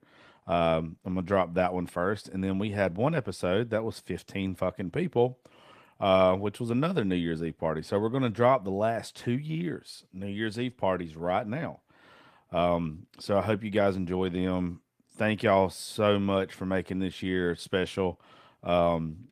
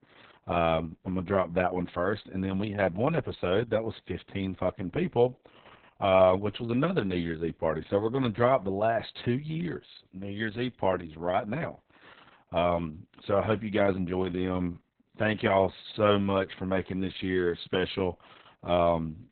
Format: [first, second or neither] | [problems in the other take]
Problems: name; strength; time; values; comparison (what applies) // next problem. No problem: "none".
first | garbled, watery; badly; nothing above 4 kHz; slightly in the first